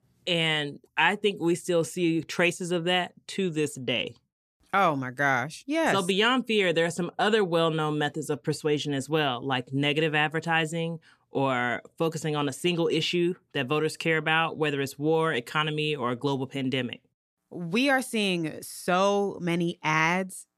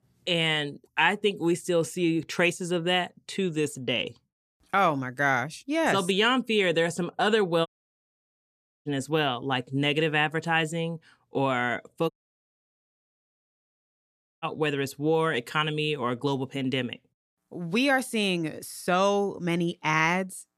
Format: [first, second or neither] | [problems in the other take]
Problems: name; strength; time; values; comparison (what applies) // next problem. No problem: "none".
first | audio cutting out; at 7.5 s for 1 s and at 12 s for 2.5 s